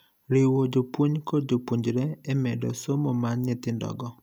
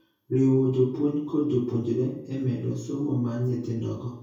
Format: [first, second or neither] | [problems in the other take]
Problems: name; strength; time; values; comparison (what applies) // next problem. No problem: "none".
first | room echo; dies away in 0.6 s